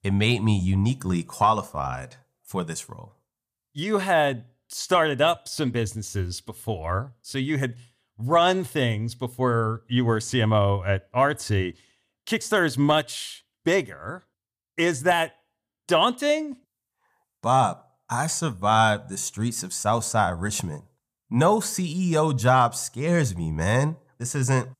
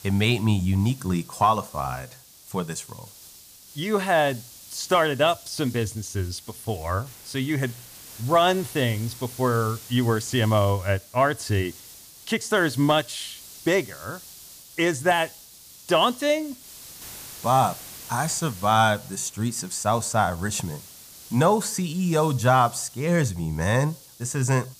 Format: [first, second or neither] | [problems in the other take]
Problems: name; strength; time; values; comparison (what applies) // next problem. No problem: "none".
first | hiss; noticeable; throughout; 20 dB below the speech